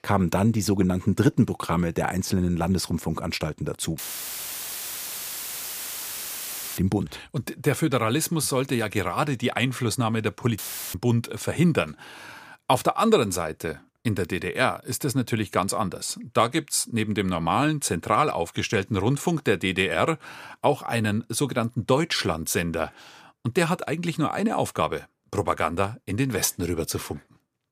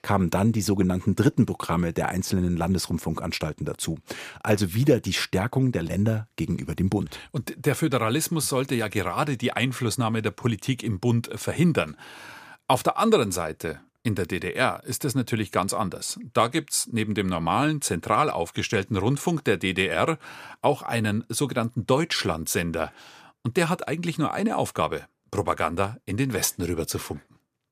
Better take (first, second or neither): second